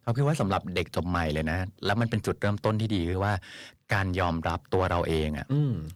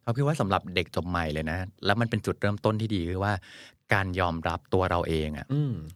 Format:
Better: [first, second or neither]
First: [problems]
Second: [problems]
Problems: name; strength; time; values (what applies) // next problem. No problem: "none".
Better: second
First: distortion; slight; 10 dB below the speech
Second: none